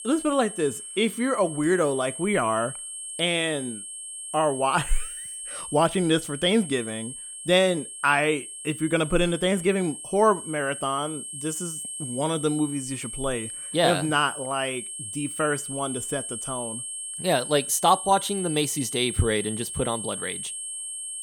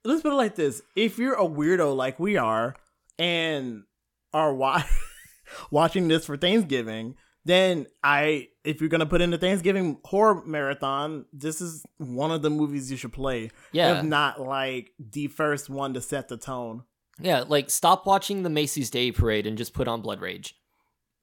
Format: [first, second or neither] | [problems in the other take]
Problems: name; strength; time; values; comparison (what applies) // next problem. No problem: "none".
second | high-pitched whine; loud; throughout; 8.5 kHz, 8 dB below the speech